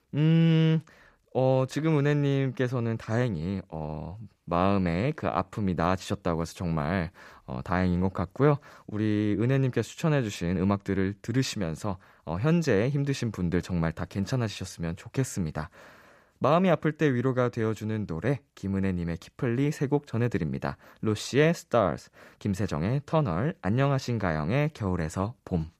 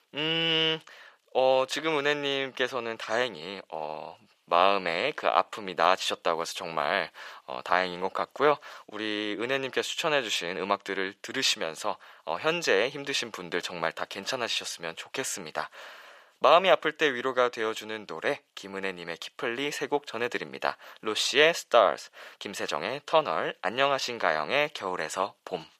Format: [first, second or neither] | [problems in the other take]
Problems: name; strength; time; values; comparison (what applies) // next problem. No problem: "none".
first | thin; very; fading below 650 Hz